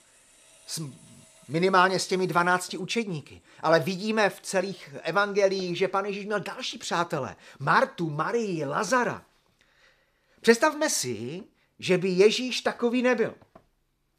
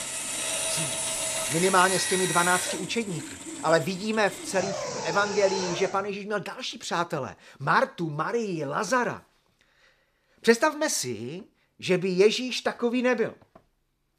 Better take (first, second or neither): first